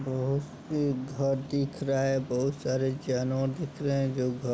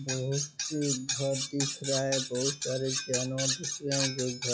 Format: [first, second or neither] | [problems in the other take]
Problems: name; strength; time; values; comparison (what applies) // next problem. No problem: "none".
first | noise reduction (classical method log-MMSE)